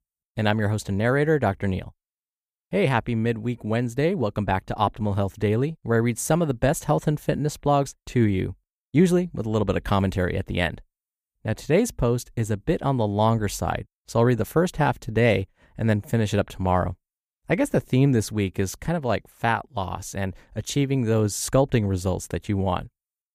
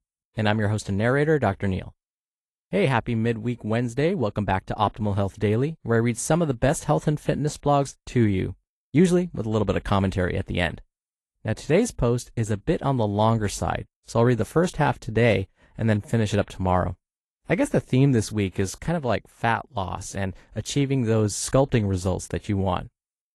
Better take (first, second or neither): first